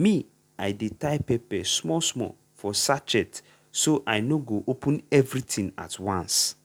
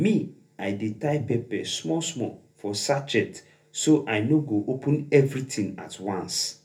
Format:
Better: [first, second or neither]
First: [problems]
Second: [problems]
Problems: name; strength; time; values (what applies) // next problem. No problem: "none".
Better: first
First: none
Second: room echo; dies away in 0.3 s